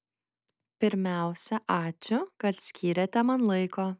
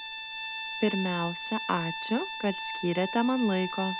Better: first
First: none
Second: background sound (Bowed string instrument); 6 dB below the speech

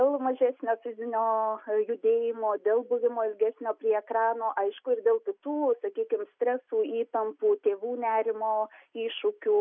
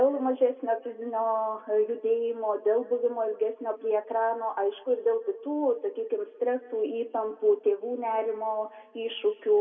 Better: first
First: none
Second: room echo; dies away in 1.3 s

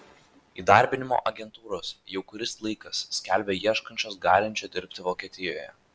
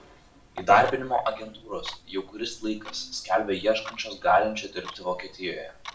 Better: first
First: none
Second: background sound (Clock); 20 dB below the speech // room echo; dies away in 0.4 s

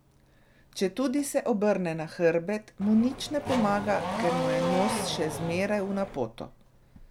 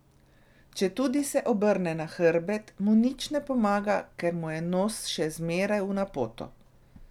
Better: second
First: background sound (Race car, auto racing / Accelerating, revving, vroom); 4 dB below the speech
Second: none

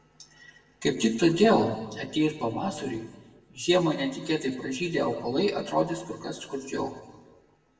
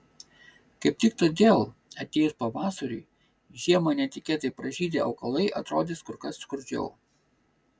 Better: second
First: room echo; dies away in 1.1 s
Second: none

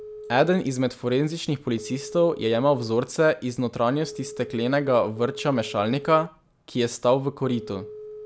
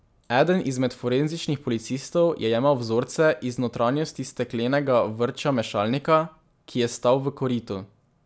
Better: second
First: background sound (Telephone); 17 dB below the speech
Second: none

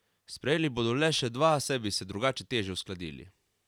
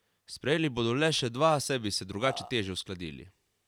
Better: first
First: none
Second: background sound (Burping, eructation); 11 dB below the speech

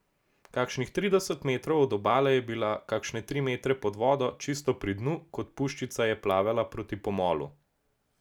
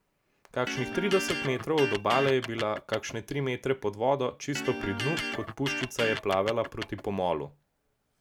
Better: first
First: none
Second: background sound (Electric guitar); 6 dB below the speech

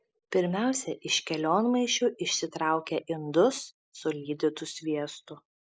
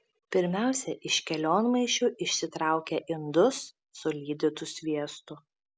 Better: second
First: noise reduction (neural mask model Resemble Enhance denoiser)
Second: none

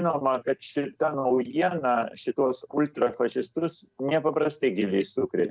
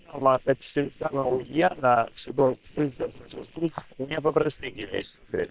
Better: first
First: none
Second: noise reduction (neural separator model SepFormer WHAM!)

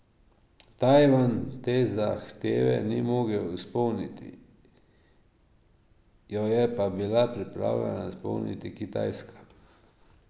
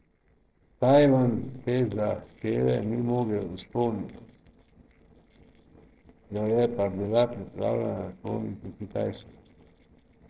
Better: first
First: none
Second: noise reduction (neural separator model SepFormer DNS4)

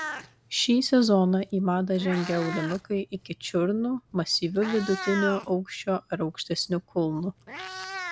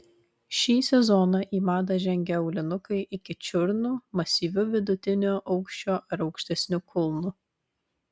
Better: second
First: background sound (Meow); 13 dB below the speech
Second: none

